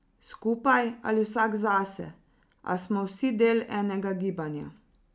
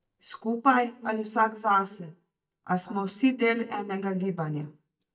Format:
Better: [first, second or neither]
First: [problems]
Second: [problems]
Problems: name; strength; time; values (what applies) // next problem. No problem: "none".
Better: first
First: none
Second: noise reduction (neural mask model DeepFilterNet 3)